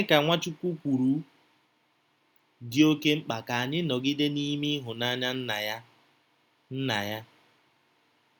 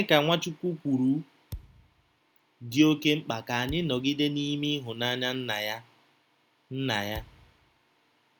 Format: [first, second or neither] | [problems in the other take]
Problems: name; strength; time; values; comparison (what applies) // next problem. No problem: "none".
first | background sound (Thump, thud); 17 dB below the speech